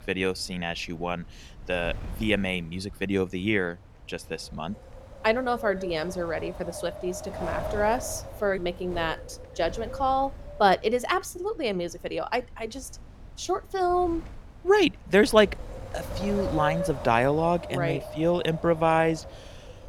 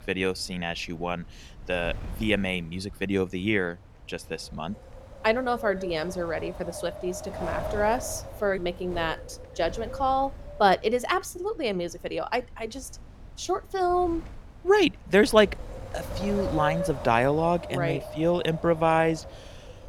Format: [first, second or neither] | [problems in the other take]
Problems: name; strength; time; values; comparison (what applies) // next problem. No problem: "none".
neither | wind noise on the microphone; occasional gusts; 10 dB below the speech; the same in both